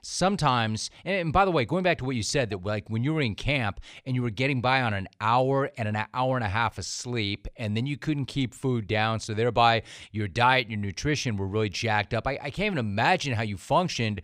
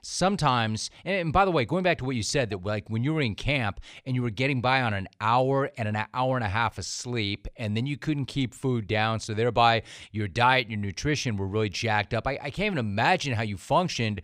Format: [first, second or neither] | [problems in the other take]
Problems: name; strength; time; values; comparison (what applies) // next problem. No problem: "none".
neither | none